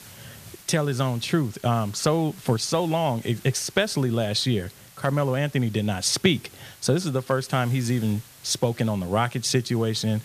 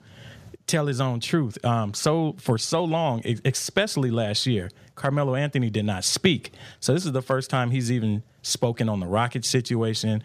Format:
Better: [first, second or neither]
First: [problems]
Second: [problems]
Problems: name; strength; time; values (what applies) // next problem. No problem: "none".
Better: second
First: hiss; faint; throughout; 20 dB below the speech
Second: none